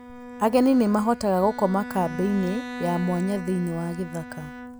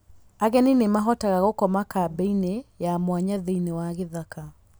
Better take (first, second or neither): second